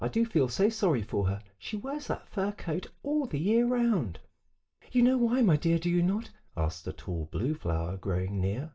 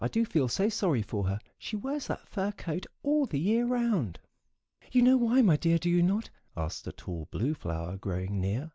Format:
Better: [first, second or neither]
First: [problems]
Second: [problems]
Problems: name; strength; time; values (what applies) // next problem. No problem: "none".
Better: second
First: room echo; dies away in 0.2 s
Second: none